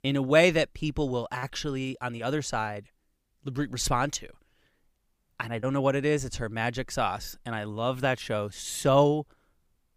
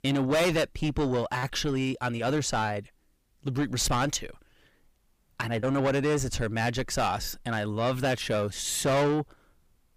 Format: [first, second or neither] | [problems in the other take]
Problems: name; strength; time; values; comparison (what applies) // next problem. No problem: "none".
first | distortion; heavy; 6 dB below the speech